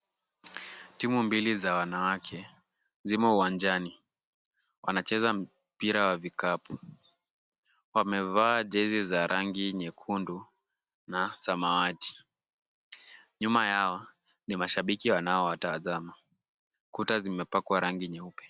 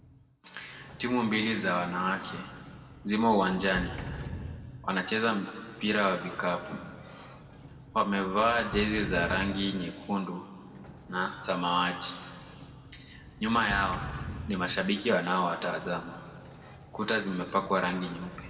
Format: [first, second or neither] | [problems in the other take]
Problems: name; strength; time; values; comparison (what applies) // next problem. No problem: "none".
first | background sound (Sliding door); 13 dB below the speech // room echo; dies away in 1.8 s